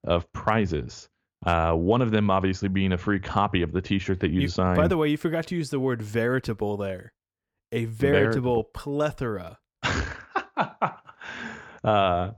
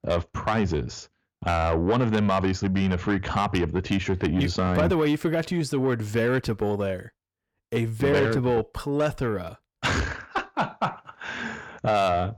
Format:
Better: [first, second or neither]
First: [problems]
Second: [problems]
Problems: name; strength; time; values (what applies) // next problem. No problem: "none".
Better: first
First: none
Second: distortion; slight; 10 dB below the speech